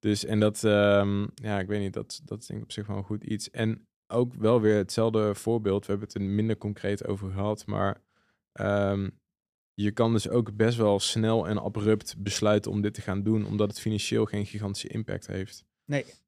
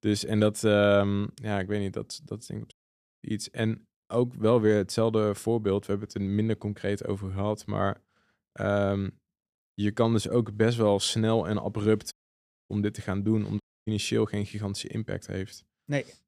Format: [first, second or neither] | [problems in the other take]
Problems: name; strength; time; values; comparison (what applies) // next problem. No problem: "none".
first | audio cutting out; at 2.5 s for 0.5 s, at 12 s for 0.5 s and at 14 s